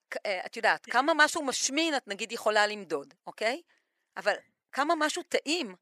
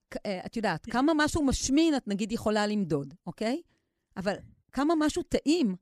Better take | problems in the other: second | thin; very; fading below 650 Hz

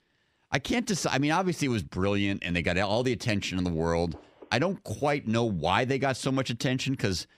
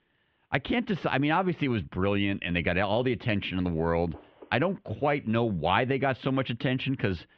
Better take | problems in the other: first | muffled; very; fading above 3 kHz

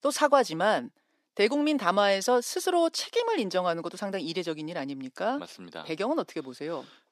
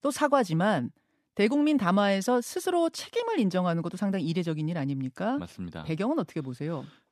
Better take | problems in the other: second | thin; somewhat; fading below 400 Hz

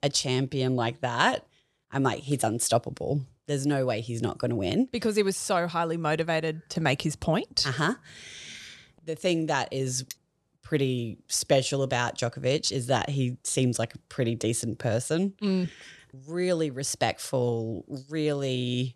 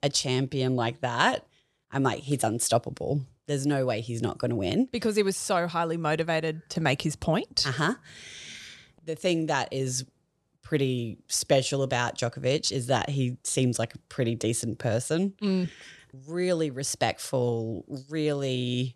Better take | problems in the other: second | clattering dishes; very faint; at 10 s; peak 15 dB below the speech

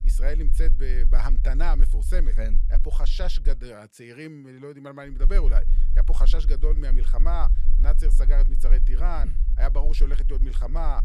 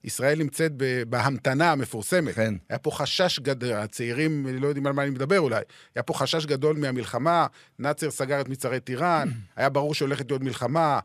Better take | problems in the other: second | low rumble; noticeable; until 3.5 s and from 5 s on; 15 dB below the speech

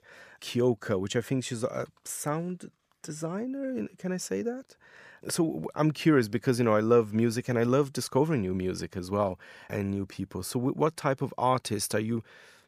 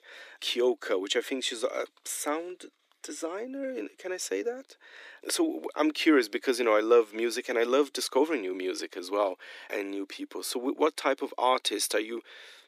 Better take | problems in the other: first | thin; somewhat; fading below 300 Hz

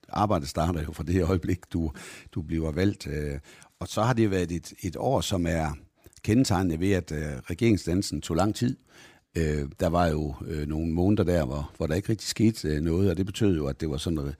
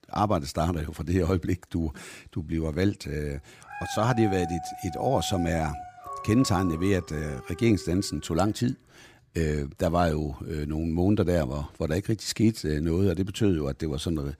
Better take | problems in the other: first | dog barking; noticeable; from 3.5 to 8 s; peak 7 dB below the speech

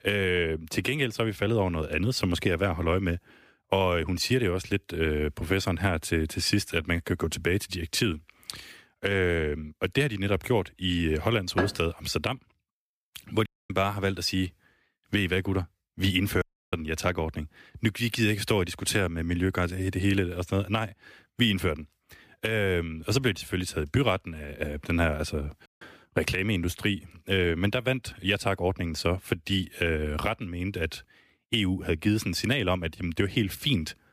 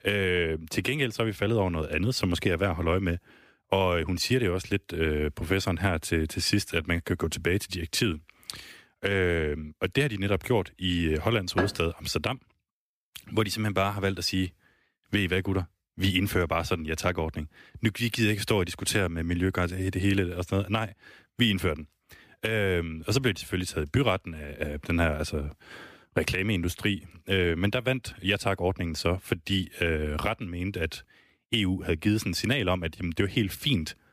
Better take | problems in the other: second | audio cutting out; at 13 s, at 16 s and at 26 s

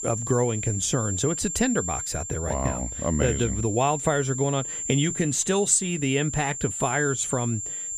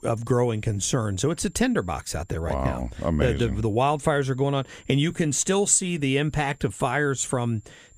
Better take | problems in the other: second | high-pitched whine; loud; throughout; 7.5 kHz, 5 dB below the speech; faint in the second

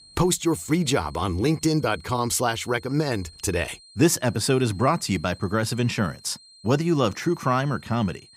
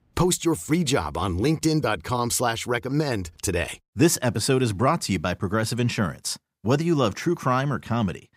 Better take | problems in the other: second | high-pitched whine; faint; throughout; 4 kHz, 25 dB below the speech

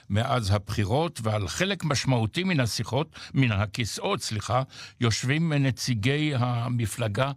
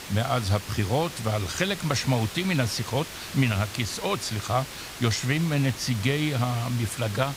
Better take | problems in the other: first | hiss; noticeable; throughout; 10 dB below the speech

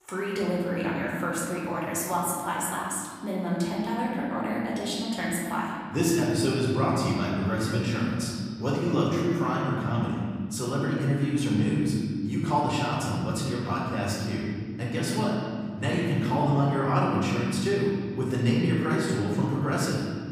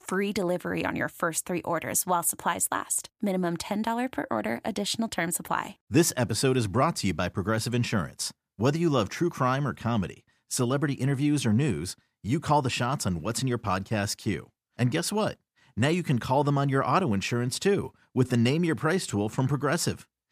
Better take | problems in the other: second | room echo; noticeable; dies away in 2.1 s // off-mic speech; far

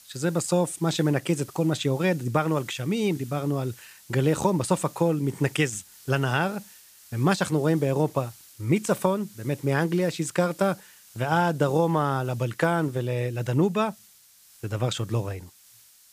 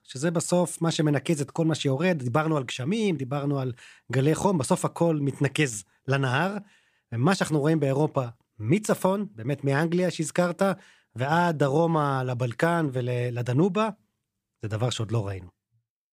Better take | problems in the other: second | hiss; faint; throughout; 25 dB below the speech

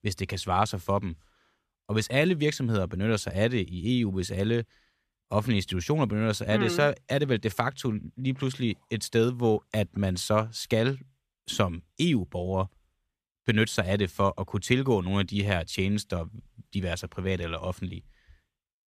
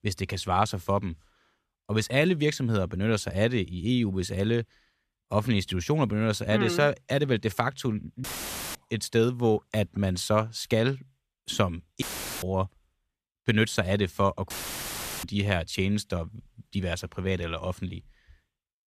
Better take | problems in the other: first | audio cutting out; filled with static; at 8 s for 0.5 s, at 12 s and at 15 s for 0.5 s

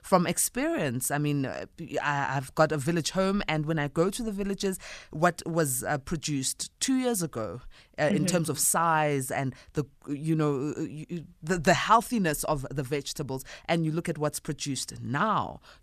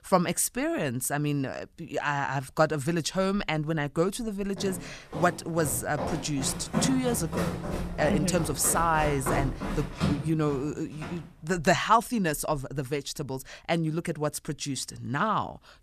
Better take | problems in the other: first | footsteps; noticeable; from 4.5 to 11 s; peak 1 dB below the speech

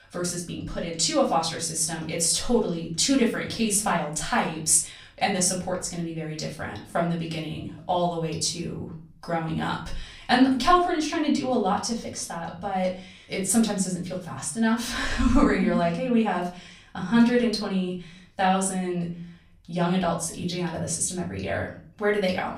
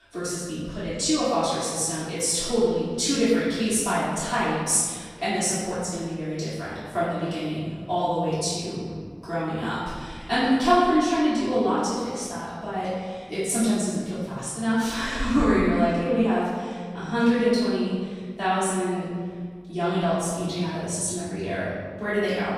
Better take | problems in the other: first | room echo; strong; dies away in 1.6 s; slight in the first // off-mic speech; far; far in the first

